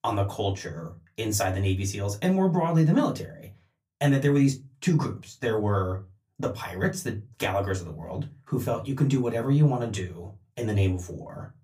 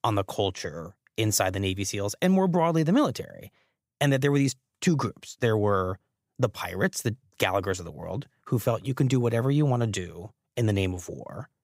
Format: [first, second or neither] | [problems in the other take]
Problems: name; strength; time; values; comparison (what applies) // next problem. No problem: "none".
second | off-mic speech; somewhat distant // room echo; very slight; dies away in 0.2 s